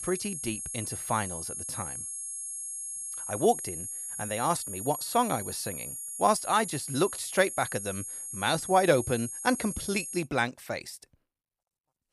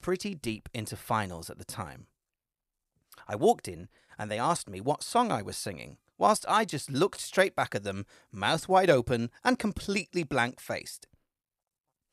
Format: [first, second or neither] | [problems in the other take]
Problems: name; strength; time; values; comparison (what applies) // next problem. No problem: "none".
second | high-pitched whine; loud; until 10 s; 11 kHz, 6 dB below the speech